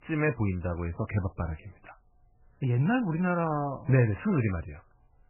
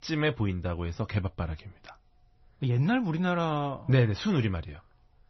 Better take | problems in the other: second | garbled, watery; badly; nothing above 2.5 kHz; slightly in the second

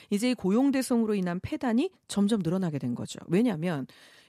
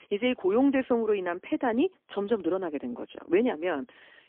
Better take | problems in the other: first | phone-call audio; poor line; nothing above 3 kHz

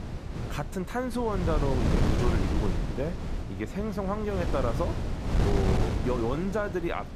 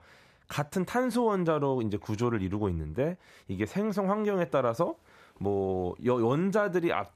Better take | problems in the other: second | wind noise on the microphone; heavy; 4 dB below the speech

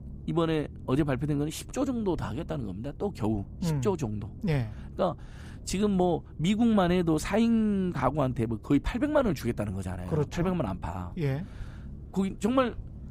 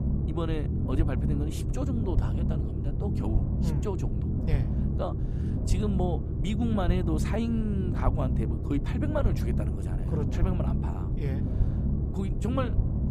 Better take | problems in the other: first | low rumble; loud; throughout; 3 dB below the speech; faint in the first

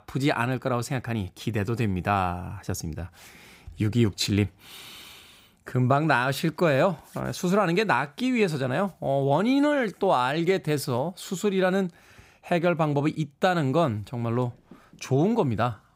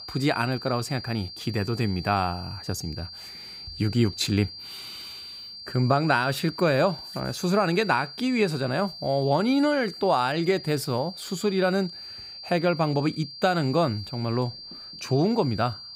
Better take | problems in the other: first | high-pitched whine; noticeable; throughout; 4.5 kHz, 10 dB below the speech

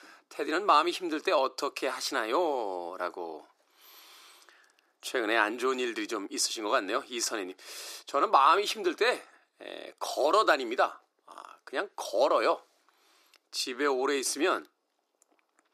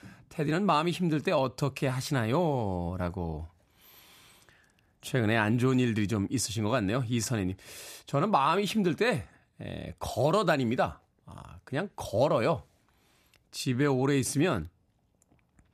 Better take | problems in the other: second | thin; very; fading below 350 Hz

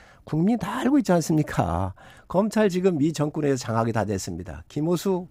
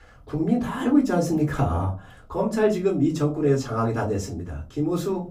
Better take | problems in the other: first | off-mic speech; far // room echo; very slight; dies away in 0.3 s

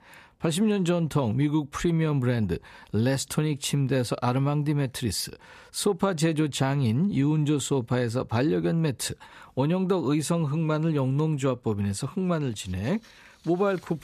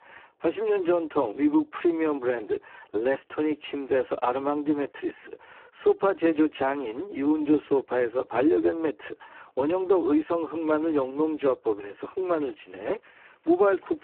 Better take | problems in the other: first | phone-call audio; poor line

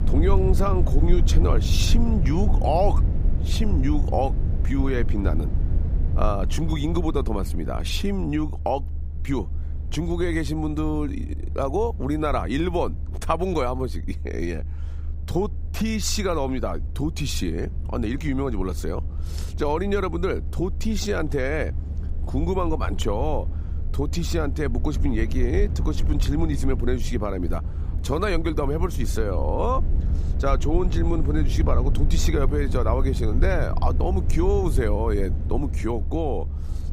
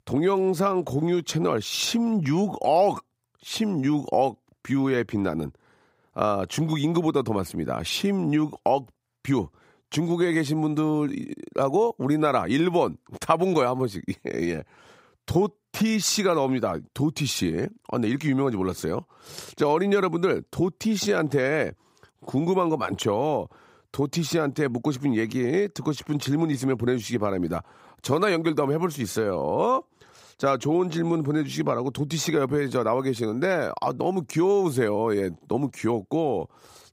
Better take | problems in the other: second | low rumble; noticeable; throughout; 15 dB below the speech

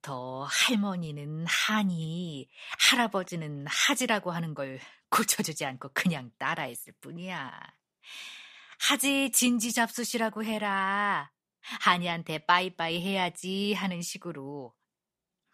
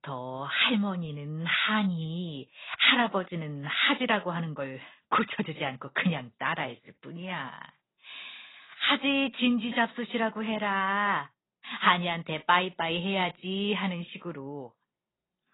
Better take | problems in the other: first | garbled, watery; badly; nothing above 4 kHz

